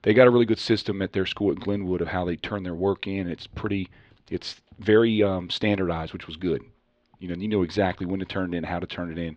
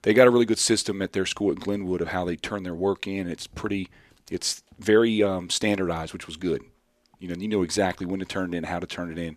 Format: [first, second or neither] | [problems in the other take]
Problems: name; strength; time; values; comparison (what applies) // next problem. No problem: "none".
second | muffled; slightly; fading above 3.5 kHz